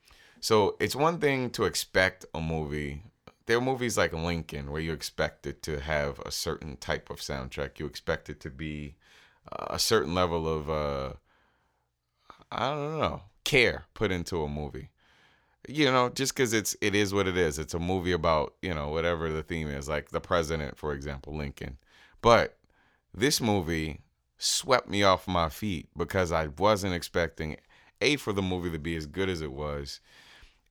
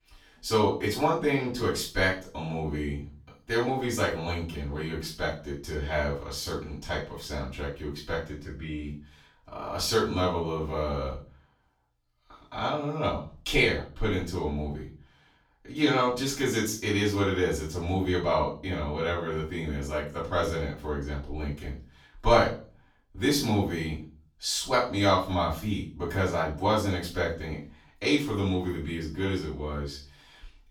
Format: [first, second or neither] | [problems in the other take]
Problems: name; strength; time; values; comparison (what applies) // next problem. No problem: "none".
first | off-mic speech; far // room echo; slight; dies away in 0.4 s